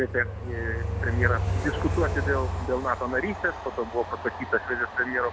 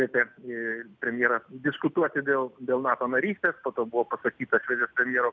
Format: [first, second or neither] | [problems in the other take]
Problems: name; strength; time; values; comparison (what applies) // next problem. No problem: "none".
second | background sound (Train); 2 dB below the speech